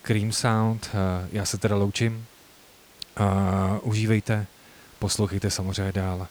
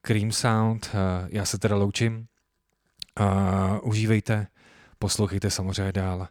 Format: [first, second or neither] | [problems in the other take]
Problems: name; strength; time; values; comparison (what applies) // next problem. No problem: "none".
second | hiss; faint; throughout; 25 dB below the speech